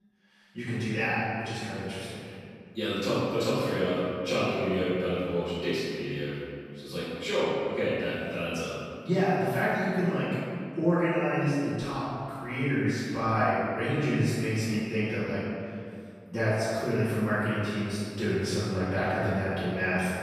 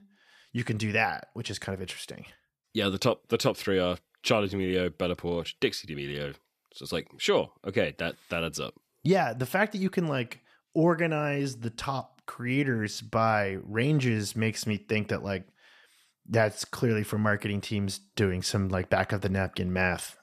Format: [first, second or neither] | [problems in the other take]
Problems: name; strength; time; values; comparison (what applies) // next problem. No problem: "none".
second | off-mic speech; far // room echo; strong; dies away in 2.2 s